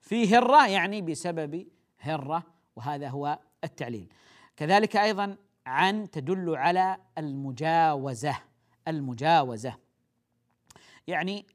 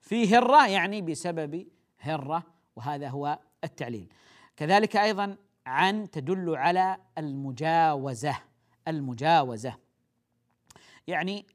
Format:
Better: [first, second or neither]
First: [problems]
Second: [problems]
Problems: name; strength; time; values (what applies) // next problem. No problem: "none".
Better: neither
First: none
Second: none